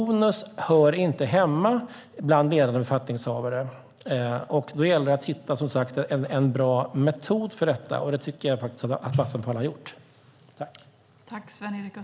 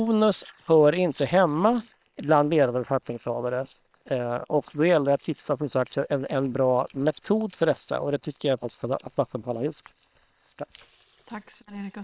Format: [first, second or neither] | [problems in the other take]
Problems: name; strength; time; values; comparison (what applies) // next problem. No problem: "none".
first | noise reduction (neural separator model SepFormer WHAM!)